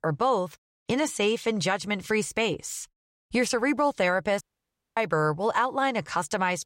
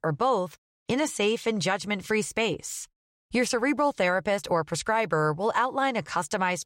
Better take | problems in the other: second | audio cutting out; at 4.5 s for 0.5 s

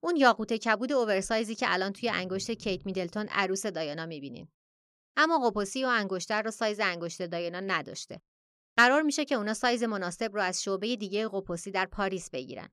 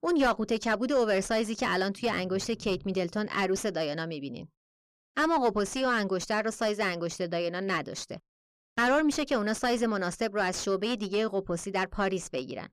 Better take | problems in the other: first | distortion; heavy; 8 dB below the speech

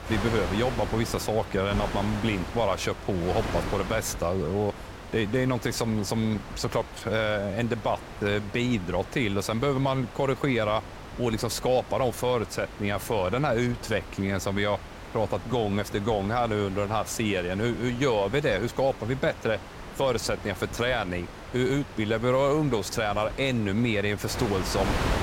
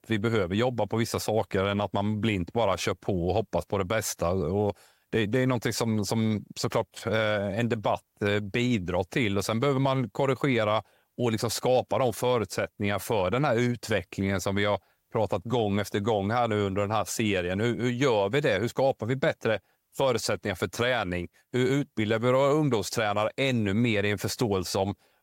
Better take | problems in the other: second | wind noise on the microphone; occasional gusts; 10 dB below the speech

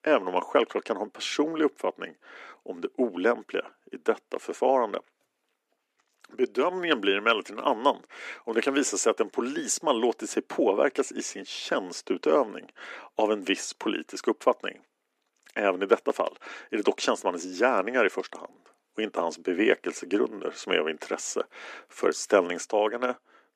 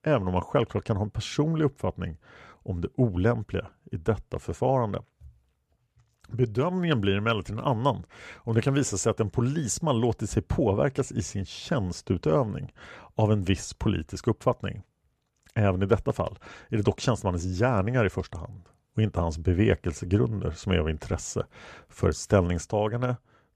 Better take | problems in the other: second | thin; somewhat; fading below 250 Hz

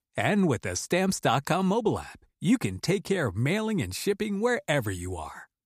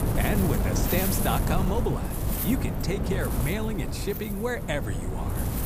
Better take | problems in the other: first | wind noise on the microphone; heavy; 3 dB below the speech

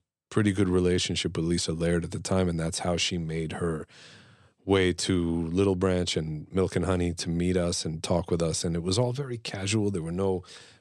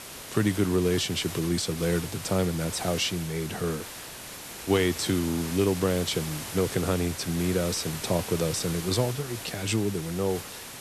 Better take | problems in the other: first | hiss; loud; throughout; 9 dB below the speech

